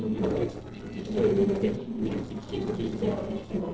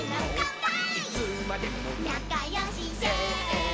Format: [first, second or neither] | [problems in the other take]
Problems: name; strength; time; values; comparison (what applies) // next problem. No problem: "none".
second | noise reduction (neural separator model SepFormer DNS4)